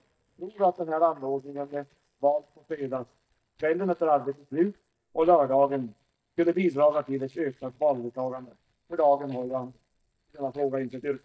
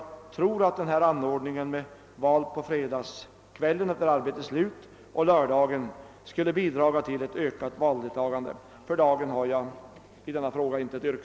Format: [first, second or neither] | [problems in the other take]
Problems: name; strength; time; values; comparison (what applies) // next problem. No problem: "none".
second | noise reduction (neural mask model DeepFilterNet 3)